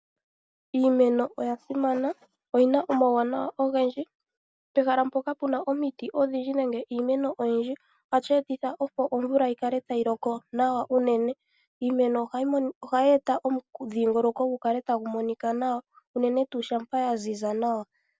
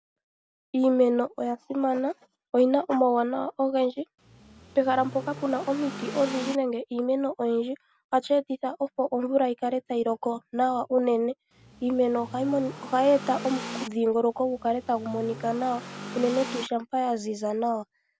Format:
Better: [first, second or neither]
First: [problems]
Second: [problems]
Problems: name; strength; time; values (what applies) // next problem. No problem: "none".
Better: first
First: none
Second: background sound (Accelerating, revving, vroom / Car); 12 dB below the speech